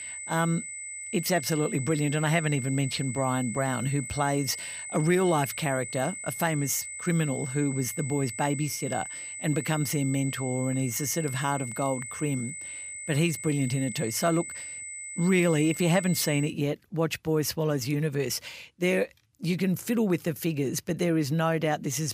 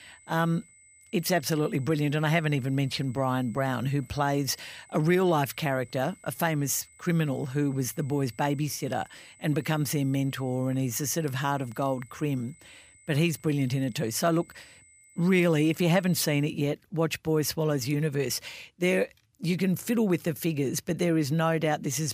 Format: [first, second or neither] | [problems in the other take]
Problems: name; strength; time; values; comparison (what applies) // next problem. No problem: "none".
second | high-pitched whine; loud; until 16 s; 8 kHz, 8 dB below the speech; faint in the second